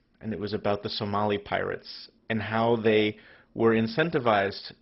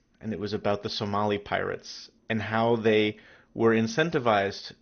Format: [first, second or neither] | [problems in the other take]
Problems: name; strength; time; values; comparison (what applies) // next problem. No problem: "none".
second | garbled, watery; badly; nothing above 5.5 kHz; slightly in the second